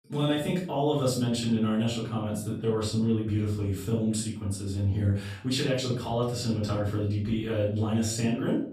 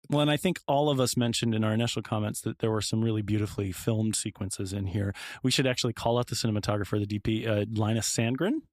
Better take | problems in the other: second | off-mic speech; far // room echo; noticeable; dies away in 0.5 s

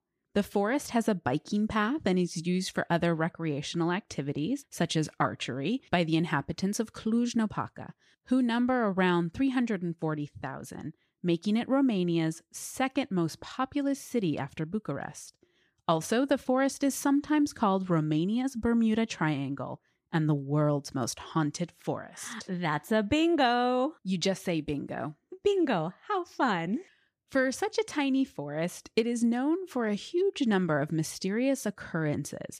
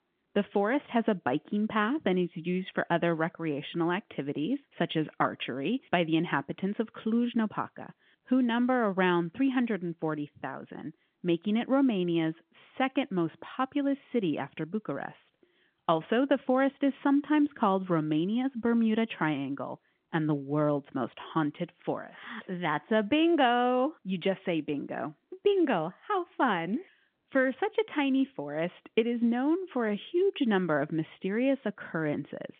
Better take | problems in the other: first | phone-call audio; nothing above 3.5 kHz

